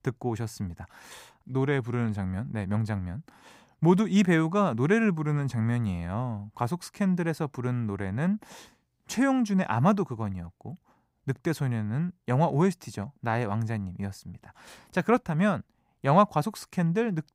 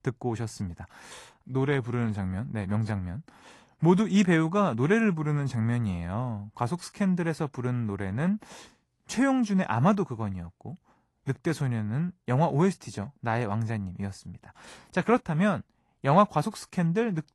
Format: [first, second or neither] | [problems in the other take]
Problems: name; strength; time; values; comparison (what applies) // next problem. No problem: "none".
first | garbled, watery; slightly; nothing above 11.5 kHz